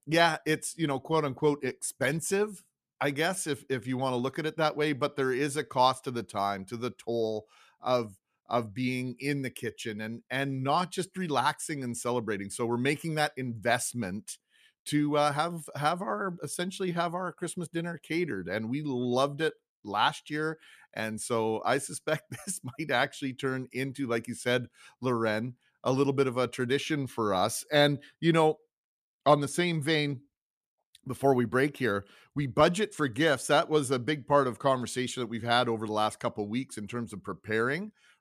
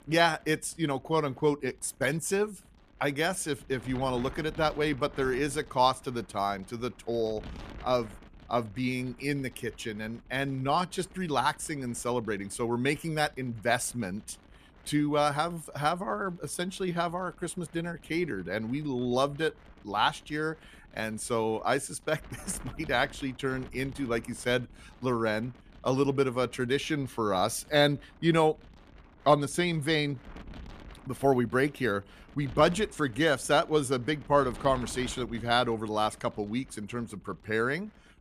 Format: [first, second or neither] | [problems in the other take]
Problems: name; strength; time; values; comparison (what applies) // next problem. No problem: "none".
first | wind noise on the microphone; occasional gusts; 25 dB below the speech